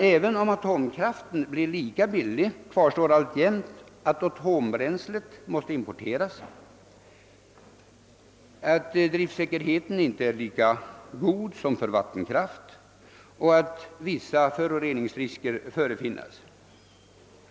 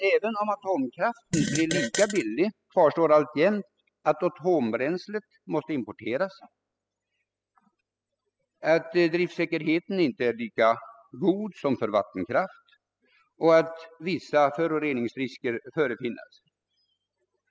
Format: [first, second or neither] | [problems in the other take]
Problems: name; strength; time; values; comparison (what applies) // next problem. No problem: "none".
first | noise reduction (classical method spectral subtraction)